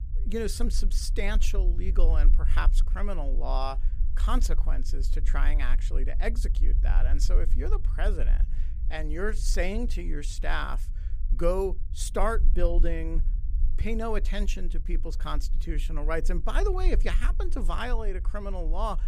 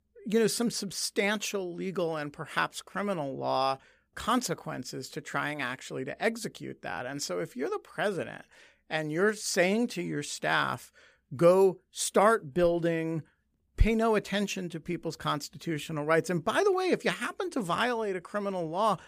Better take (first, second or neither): second